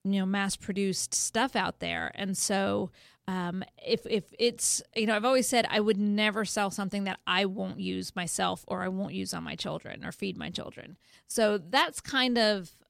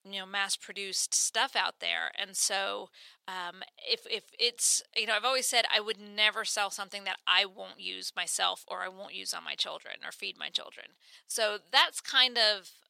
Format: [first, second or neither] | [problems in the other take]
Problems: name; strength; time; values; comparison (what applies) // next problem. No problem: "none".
first | thin; very; fading below 750 Hz